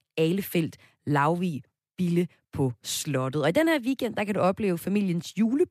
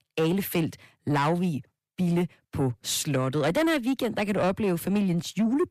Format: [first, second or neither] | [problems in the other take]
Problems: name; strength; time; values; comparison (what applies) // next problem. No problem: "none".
first | distortion; slight; 10 dB below the speech